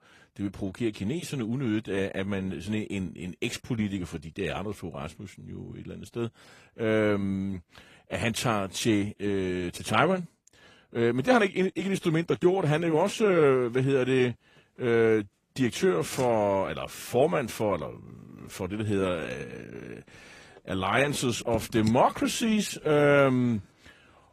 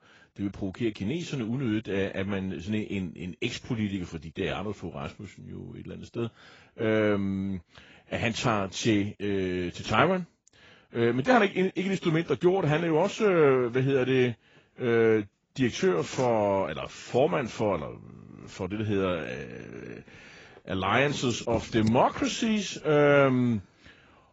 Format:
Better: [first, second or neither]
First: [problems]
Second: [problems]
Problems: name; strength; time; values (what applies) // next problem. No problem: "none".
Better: first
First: garbled, watery; slightly; nothing above 15 kHz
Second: garbled, watery; badly; nothing above 7.5 kHz